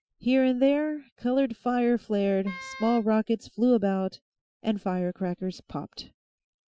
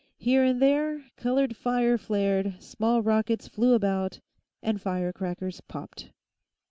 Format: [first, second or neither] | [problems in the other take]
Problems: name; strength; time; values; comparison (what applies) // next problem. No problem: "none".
second | noise reduction (classical method Wiener filter)